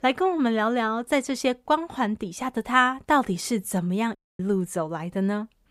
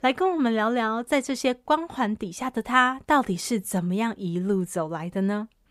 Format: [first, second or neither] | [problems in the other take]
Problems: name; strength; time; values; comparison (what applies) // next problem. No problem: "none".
second | audio cutting out; at 4 s